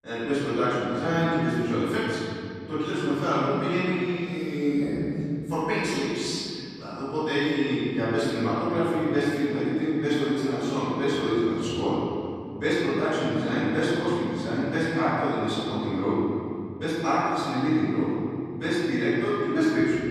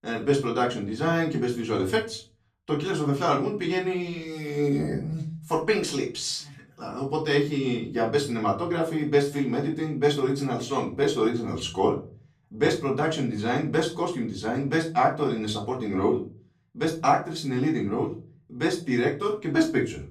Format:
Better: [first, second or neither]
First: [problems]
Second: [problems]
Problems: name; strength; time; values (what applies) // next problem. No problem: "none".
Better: second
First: room echo; strong; dies away in 3 s // off-mic speech; far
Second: room echo; slight; dies away in 0.4 s // off-mic speech; far